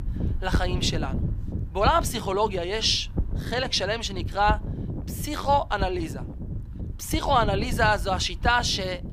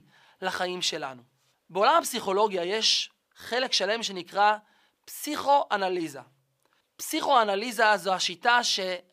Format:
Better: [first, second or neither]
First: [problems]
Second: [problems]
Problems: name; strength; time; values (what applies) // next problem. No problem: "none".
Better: second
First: wind noise on the microphone; occasional gusts; 20 dB below the speech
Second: none